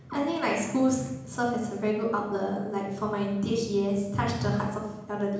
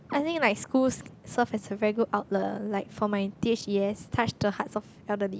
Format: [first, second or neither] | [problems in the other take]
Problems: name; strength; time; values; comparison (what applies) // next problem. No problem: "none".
second | room echo; dies away in 1 s